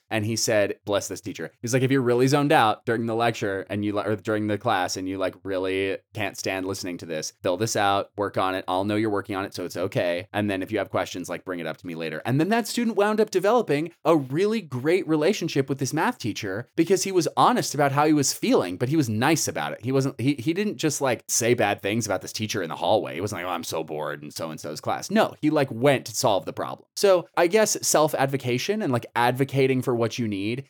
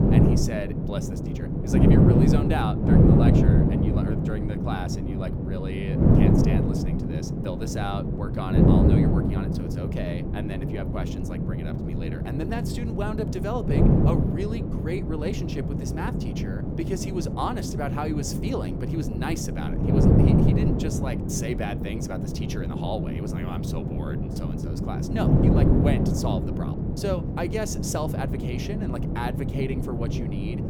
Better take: first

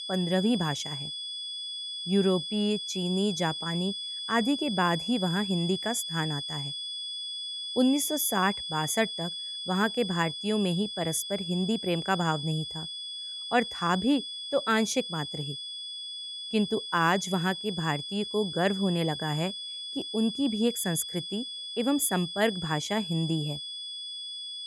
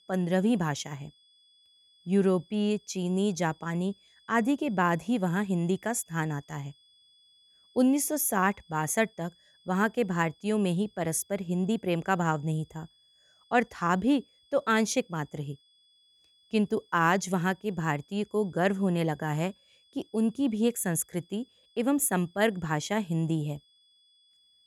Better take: second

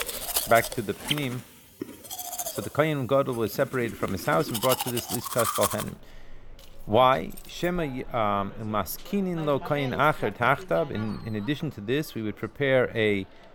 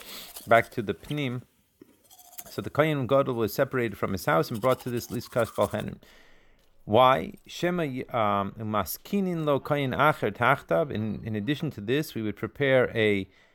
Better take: second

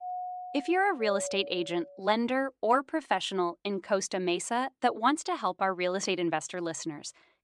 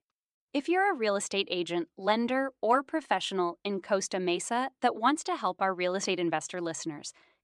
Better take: second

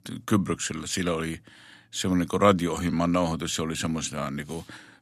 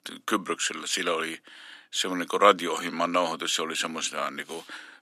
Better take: first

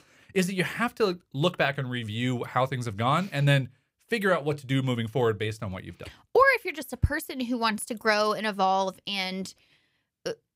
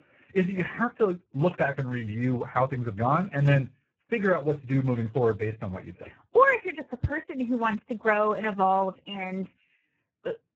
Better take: first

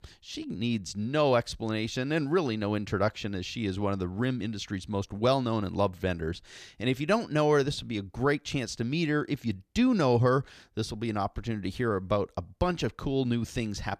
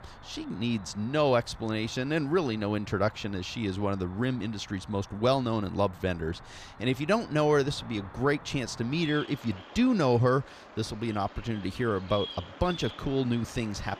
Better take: first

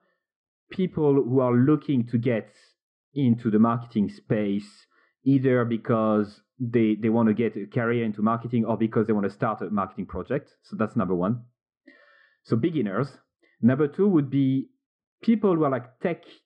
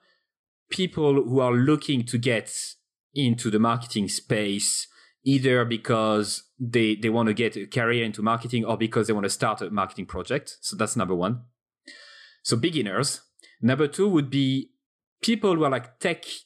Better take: second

